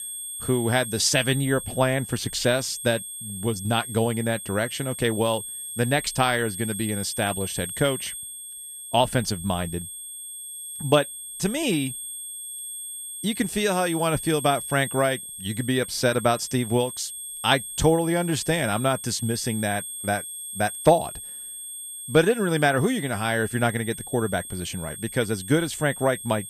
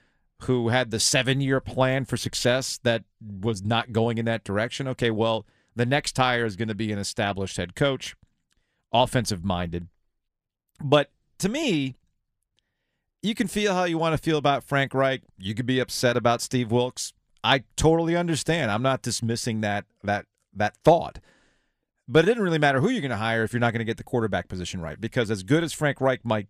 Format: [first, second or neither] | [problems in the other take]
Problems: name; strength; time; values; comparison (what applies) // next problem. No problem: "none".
second | high-pitched whine; loud; throughout; 8.5 kHz, 9 dB below the speech